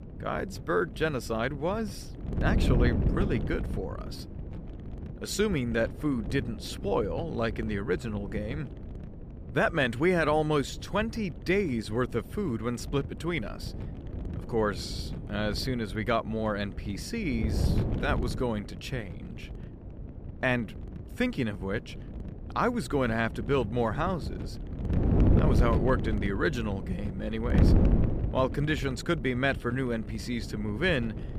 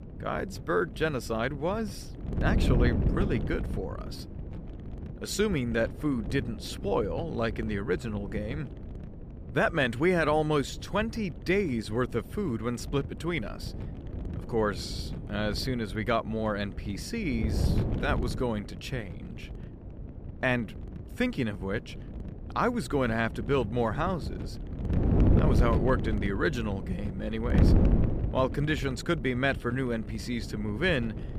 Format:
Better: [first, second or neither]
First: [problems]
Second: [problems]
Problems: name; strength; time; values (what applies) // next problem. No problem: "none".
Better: neither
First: wind noise on the microphone; occasional gusts; 10 dB below the speech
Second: wind noise on the microphone; occasional gusts; 10 dB below the speech